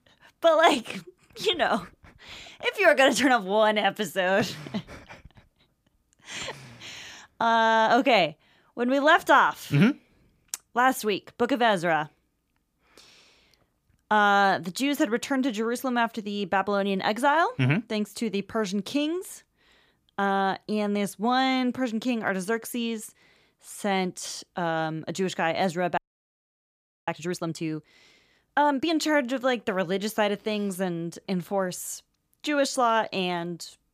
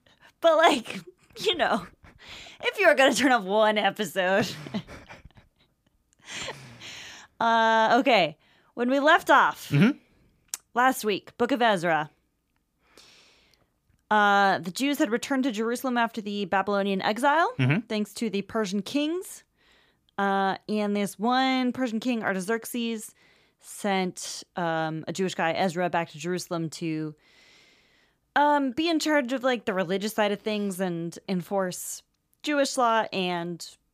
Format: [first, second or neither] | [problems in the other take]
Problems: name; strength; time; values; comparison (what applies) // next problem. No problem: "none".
second | audio freezing; at 26 s for 1 s